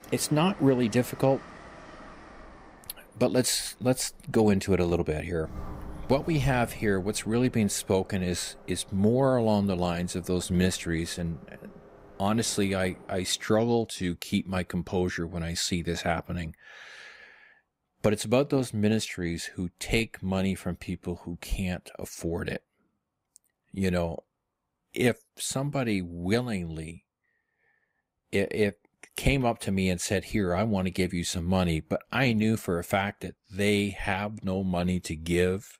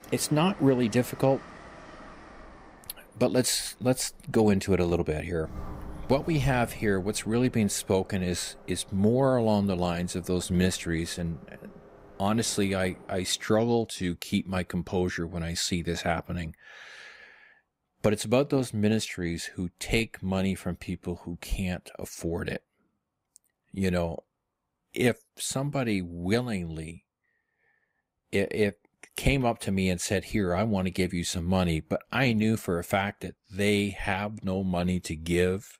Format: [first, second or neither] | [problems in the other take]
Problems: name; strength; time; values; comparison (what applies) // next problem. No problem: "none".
neither | train or aircraft noise; noticeable; until 13 s; 20 dB below the speech; the same in both